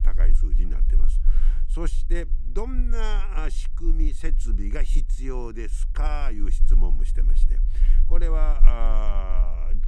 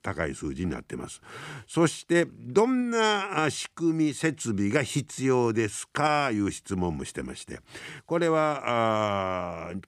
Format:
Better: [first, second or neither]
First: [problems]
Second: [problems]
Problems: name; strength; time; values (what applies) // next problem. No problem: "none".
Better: second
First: low rumble; noticeable; throughout; 15 dB below the speech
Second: none